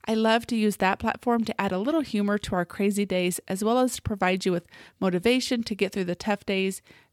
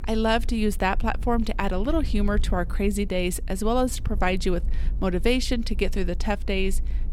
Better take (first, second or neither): first